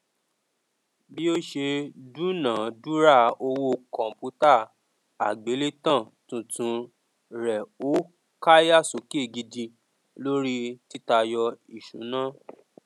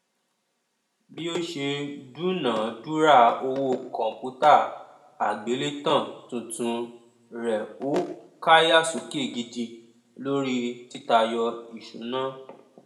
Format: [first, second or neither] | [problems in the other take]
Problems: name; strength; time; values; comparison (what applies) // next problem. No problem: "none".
first | room echo; dies away in 0.6 s